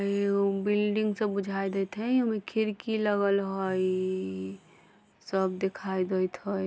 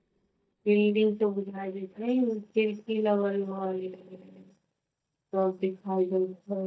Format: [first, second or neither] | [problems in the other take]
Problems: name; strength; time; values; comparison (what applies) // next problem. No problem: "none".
first | noise reduction (neural mask model DeepFilterNet 3)